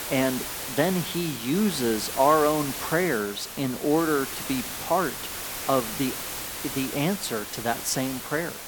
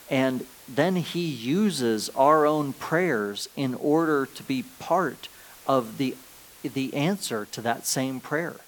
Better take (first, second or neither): second